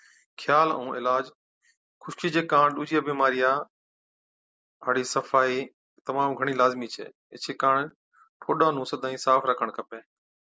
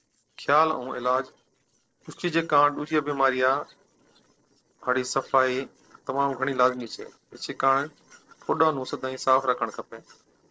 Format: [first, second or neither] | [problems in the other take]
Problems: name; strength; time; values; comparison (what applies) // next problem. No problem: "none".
first | noise reduction (neural separator model SepFormer DNS4)